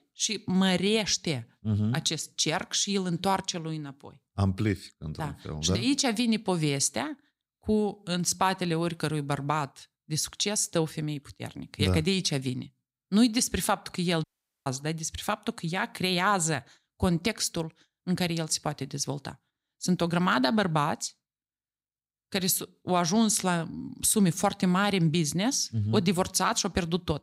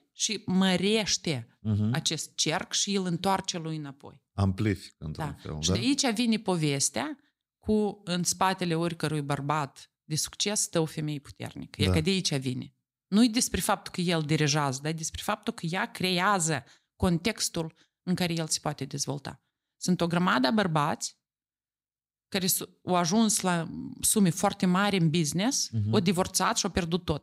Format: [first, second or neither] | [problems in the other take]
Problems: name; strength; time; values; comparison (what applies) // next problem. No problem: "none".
second | audio cutting out; at 14 s